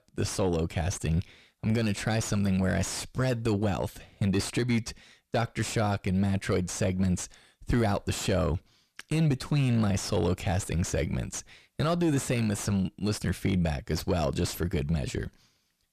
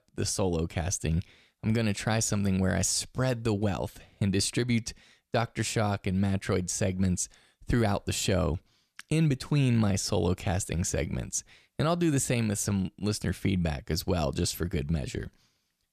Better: second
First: distortion; slight; 9 dB below the speech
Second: none

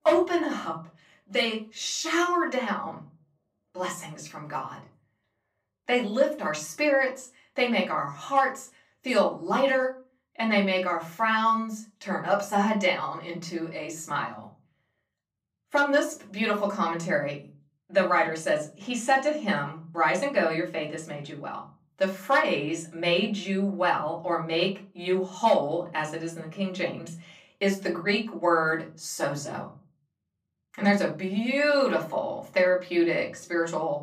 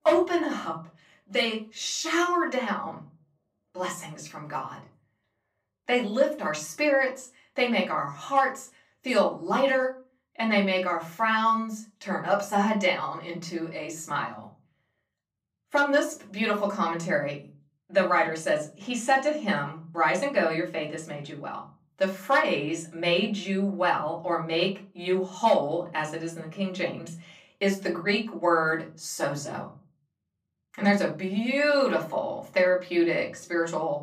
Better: neither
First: off-mic speech; far // room echo; very slight; dies away in 0.3 s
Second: off-mic speech; far // room echo; very slight; dies away in 0.3 s

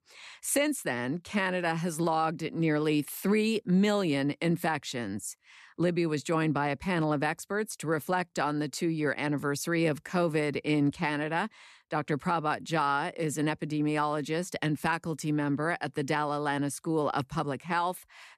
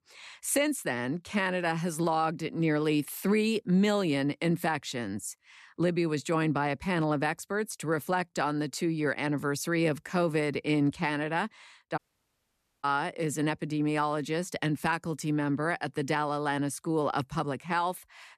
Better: first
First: none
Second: audio cutting out; at 12 s for 1 s

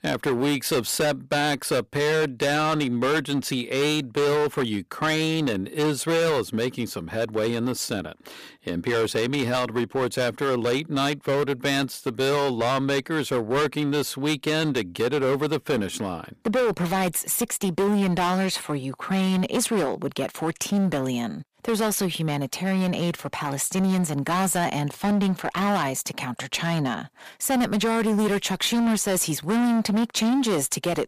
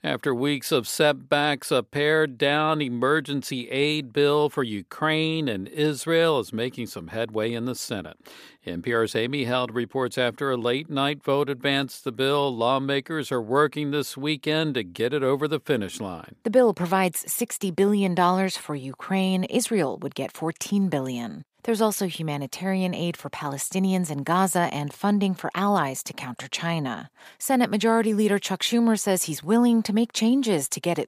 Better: second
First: distortion; heavy; 17% of the sound clipped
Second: none

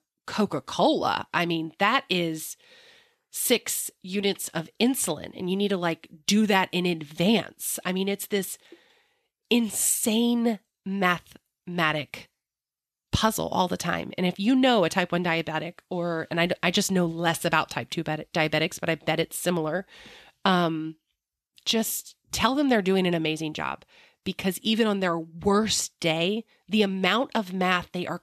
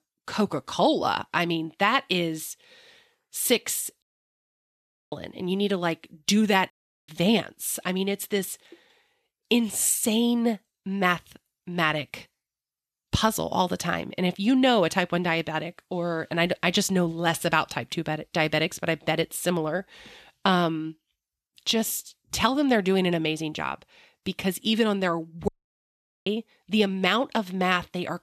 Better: first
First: none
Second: audio cutting out; at 4 s for 1 s, at 6.5 s and at 25 s for 1 s

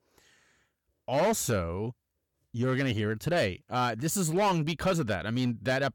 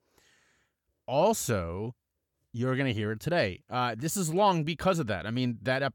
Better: second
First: distortion; slight; 6% of the sound clipped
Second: none

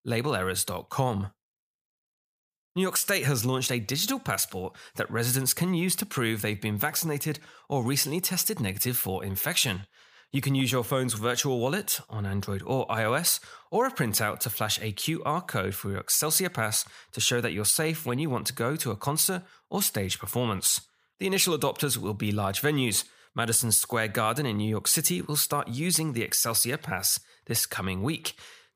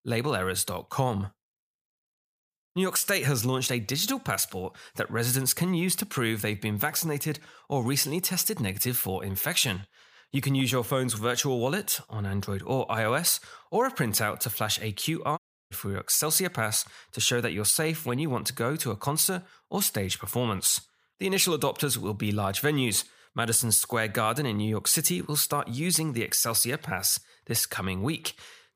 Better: first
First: none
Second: audio cutting out; at 15 s

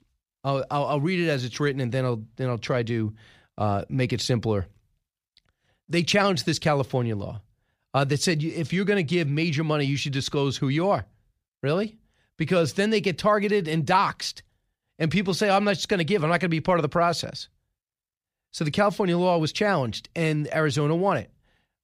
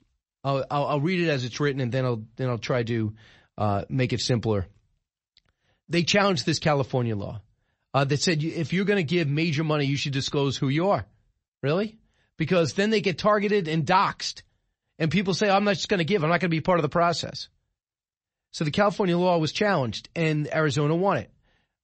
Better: first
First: none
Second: garbled, watery; slightly; nothing above 8 kHz

